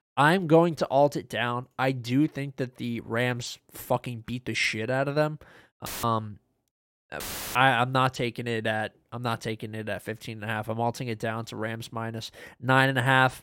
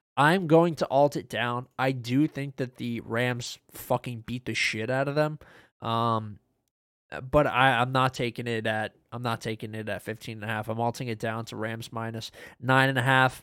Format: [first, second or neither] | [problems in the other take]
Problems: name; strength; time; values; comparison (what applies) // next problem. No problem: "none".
second | audio cutting out; filled with static; at 6 s and at 7 s